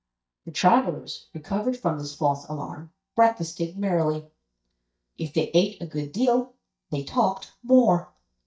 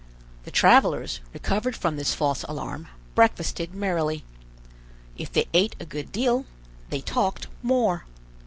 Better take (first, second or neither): second